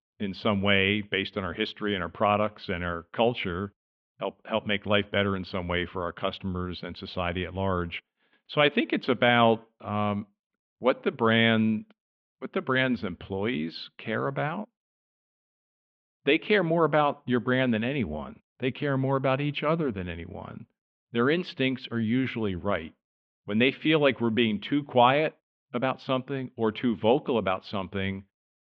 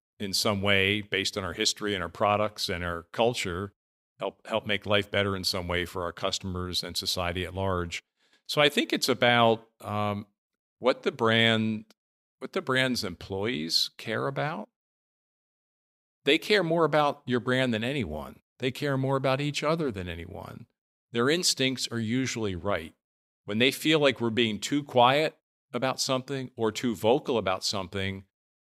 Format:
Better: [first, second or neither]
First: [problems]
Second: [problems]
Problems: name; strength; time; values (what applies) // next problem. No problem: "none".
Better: second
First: muffled; very; fading above 3 kHz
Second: none